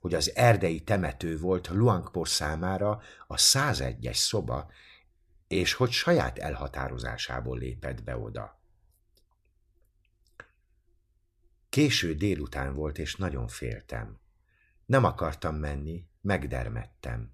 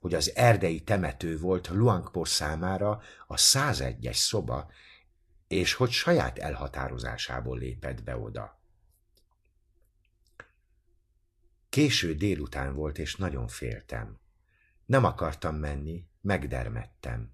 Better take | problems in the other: first | garbled, watery; slightly; nothing above 12.5 kHz

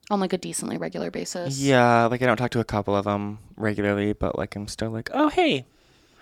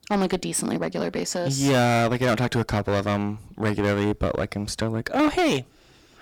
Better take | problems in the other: first | distortion; heavy; 9% of the sound clipped

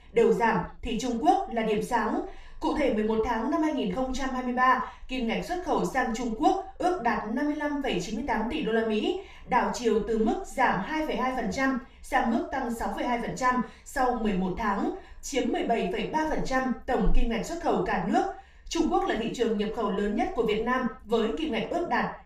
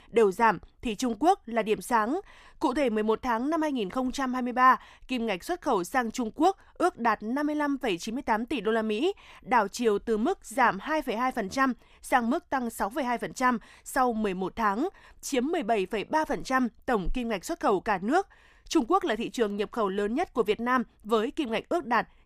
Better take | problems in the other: second | room echo; noticeable; dies away in 0.3 s // off-mic speech; far

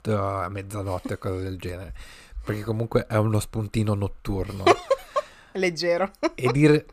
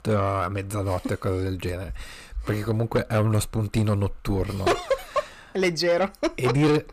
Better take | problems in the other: first | distortion; heavy; 8 dB below the speech

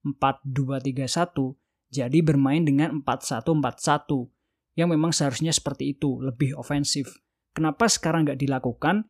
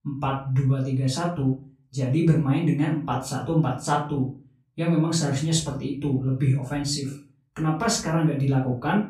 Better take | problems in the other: first | off-mic speech; far // room echo; slight; dies away in 0.3 s

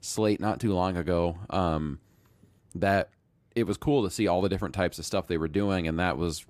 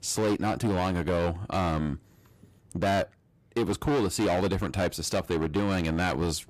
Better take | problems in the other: first | distortion; heavy; 17% of the sound clipped

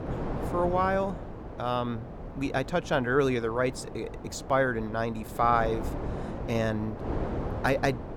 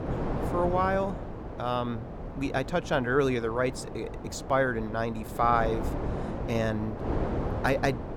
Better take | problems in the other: first | wind noise on the microphone; heavy; 10 dB below the speech; occasional gusts in the first

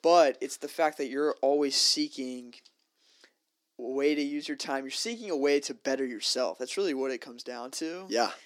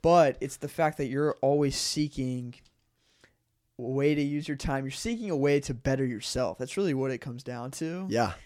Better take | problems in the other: second | thin; very slightly; fading below 250 Hz

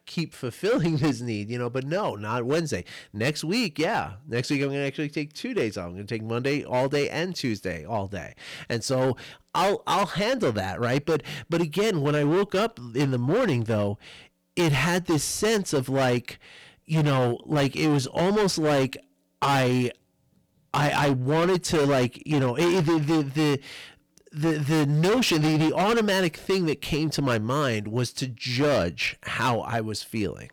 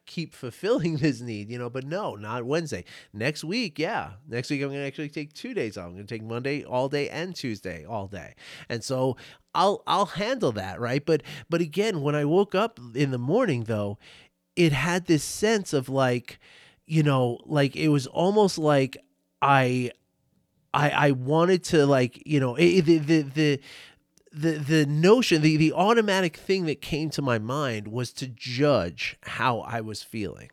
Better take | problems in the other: second | distortion; heavy; 14% of the sound clipped

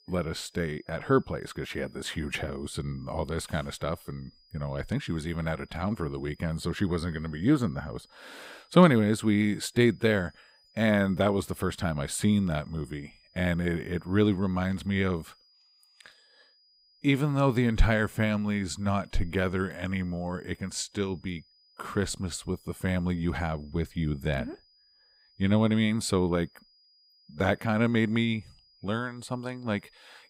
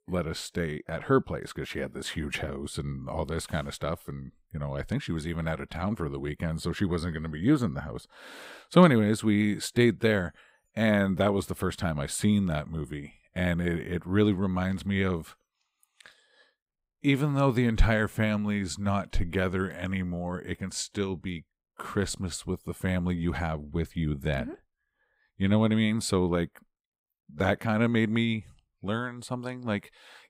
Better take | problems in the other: second | high-pitched whine; faint; throughout; 5 kHz, 30 dB below the speech

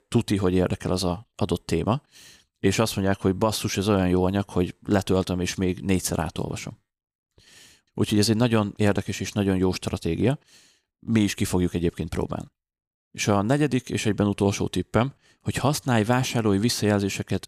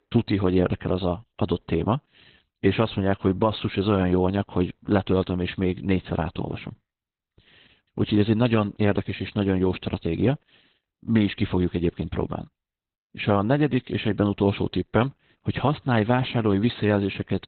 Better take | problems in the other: first | garbled, watery; badly; nothing above 4 kHz

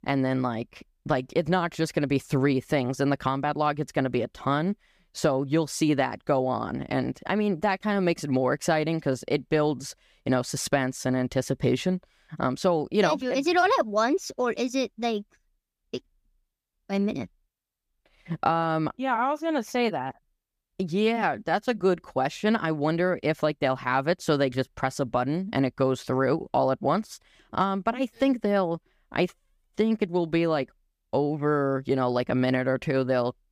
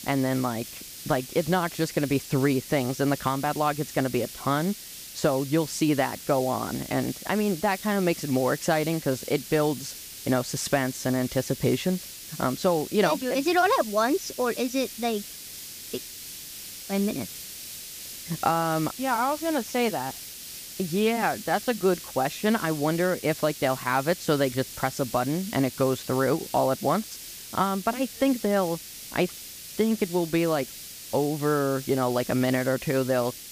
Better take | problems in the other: first | hiss; noticeable; throughout; 10 dB below the speech

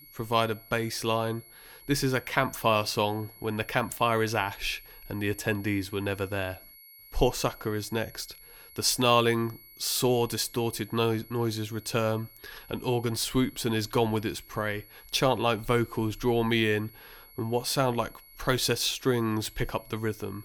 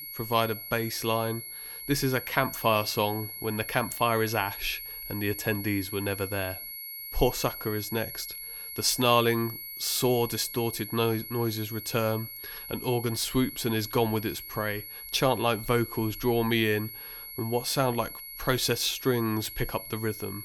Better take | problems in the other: first | high-pitched whine; loud; throughout; 11.5 kHz, 9 dB below the speech; faint in the first

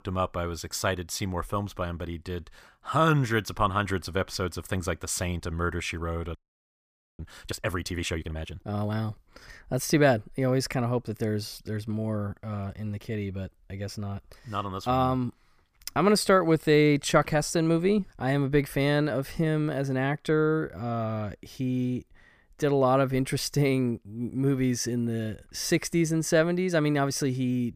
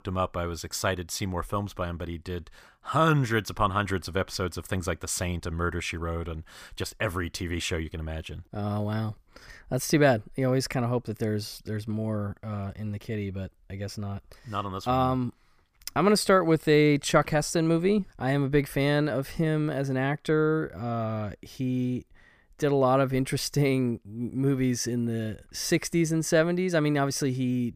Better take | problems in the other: second | audio freezing; at 6.5 s for 1 s

